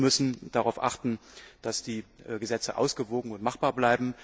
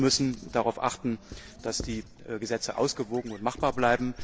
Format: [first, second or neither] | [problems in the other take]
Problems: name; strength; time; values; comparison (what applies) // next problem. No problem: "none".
first | background sound (Squeak / Writing + Wind); 14 dB below the speech